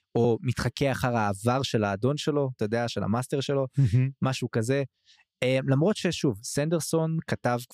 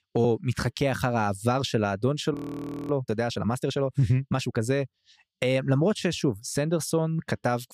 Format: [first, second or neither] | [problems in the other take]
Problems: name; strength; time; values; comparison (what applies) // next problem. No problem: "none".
first | audio freezing; at 2.5 s for 0.5 s